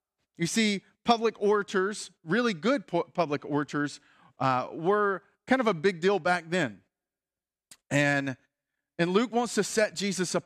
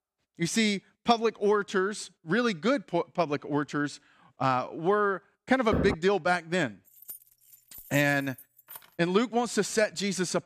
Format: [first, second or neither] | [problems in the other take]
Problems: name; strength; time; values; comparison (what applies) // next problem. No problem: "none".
first | door banging; noticeable; at 5.5 s; peak 2 dB below the speech // jangling keys; faint; from 7 to 9 s; peak 15 dB below the speech